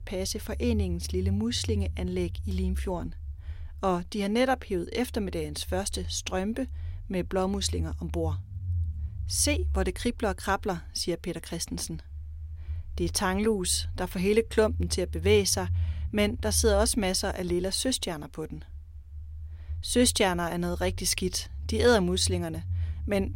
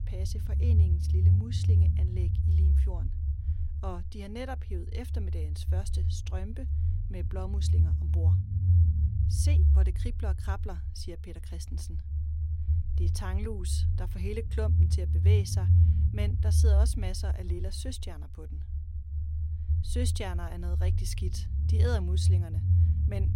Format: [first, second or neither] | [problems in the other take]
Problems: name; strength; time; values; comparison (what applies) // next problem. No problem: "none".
first | low rumble; loud; throughout; 2 dB below the speech; faint in the first